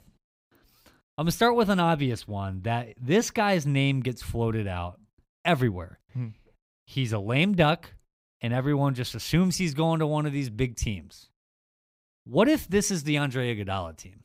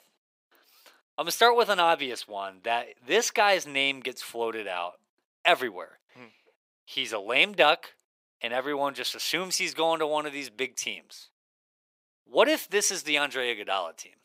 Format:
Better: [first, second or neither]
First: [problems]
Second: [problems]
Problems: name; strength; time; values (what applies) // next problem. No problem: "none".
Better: first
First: none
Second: thin; very; fading below 450 Hz